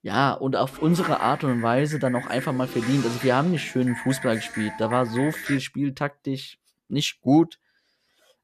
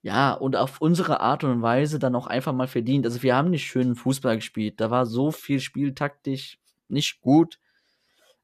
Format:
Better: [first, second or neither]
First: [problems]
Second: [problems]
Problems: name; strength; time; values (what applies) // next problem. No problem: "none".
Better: second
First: keyboard typing; noticeable; from 0.5 to 5.5 s; peak 8 dB below the speech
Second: none